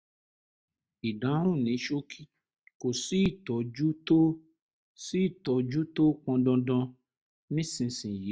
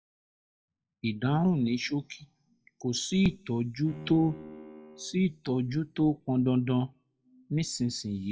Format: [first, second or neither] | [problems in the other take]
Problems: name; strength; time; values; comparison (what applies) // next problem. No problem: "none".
first | noise reduction (classical method WPE with log-MMSE)